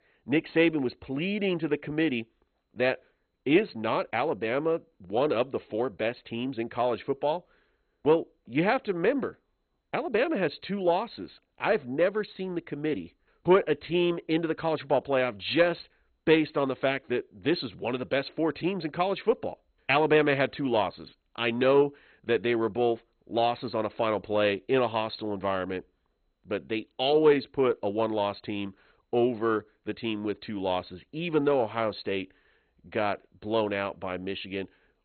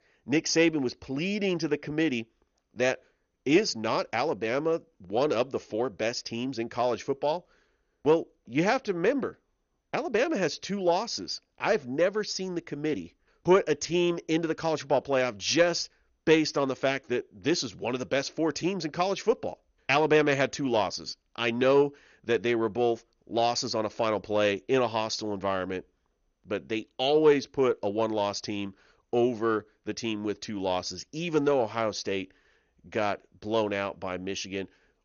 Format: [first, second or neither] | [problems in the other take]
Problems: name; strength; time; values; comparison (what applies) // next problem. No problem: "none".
second | garbled, watery; badly; nothing above 4 kHz; slightly in the second